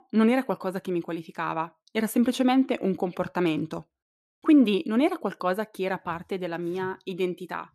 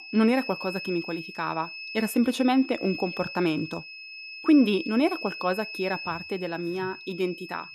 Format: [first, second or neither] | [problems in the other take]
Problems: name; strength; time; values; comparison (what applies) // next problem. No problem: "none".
first | high-pitched whine; loud; throughout; 2.5 kHz, 10 dB below the speech